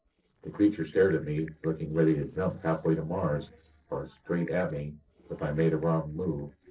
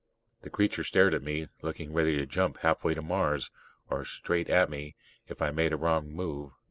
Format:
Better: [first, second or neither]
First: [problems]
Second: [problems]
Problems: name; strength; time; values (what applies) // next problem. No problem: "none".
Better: second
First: noise reduction (neural separator model SepFormer DNS4)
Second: none